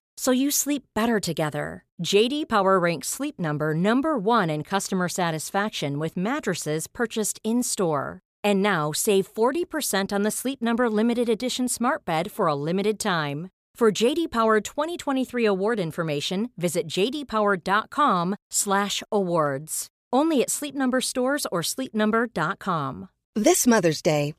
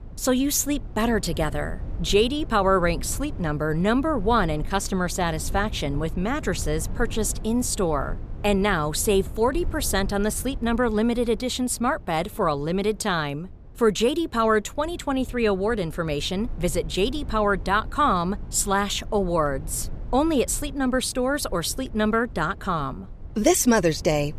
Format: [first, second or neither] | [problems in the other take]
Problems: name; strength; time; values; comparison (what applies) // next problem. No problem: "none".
first | low rumble; faint; throughout; 25 dB below the speech